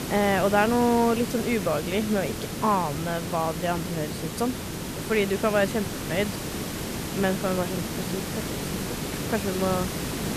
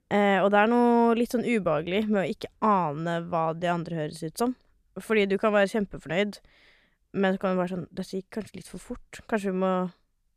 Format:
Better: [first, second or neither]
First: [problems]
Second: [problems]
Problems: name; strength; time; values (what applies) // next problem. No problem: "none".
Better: second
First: hiss; loud; throughout; 5 dB below the speech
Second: none